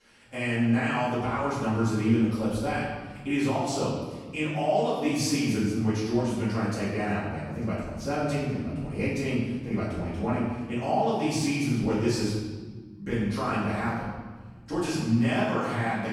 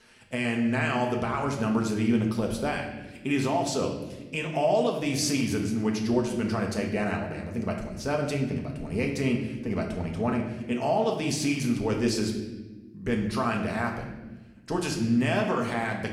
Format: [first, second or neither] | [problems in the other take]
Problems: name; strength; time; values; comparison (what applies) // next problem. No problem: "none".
second | room echo; strong; dies away in 1.4 s; slight in the second // off-mic speech; far; somewhat distant in the second